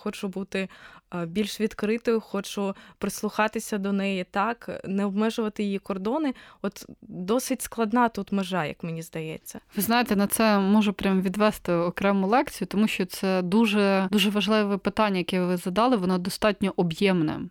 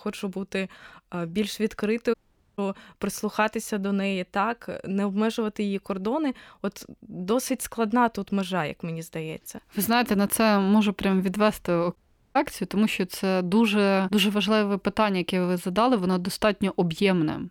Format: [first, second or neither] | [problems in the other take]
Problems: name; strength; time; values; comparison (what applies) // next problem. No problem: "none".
first | audio cutting out; at 2 s and at 12 s